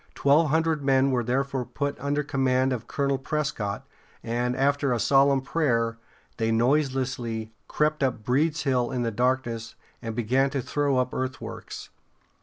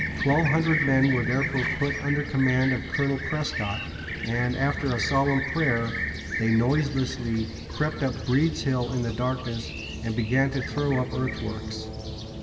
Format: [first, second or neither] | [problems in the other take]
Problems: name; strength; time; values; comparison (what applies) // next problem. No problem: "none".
first | background sound (Fixed-wing aircraft, airplane); 5 dB below the speech // room echo; dies away in 1.7 s